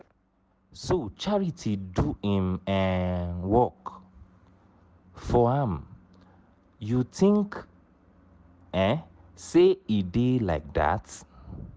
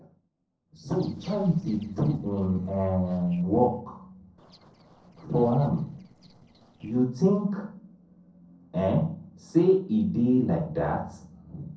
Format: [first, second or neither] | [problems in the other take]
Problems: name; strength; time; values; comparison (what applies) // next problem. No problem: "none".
first | noise reduction (neural separator model SepFormer DNS4)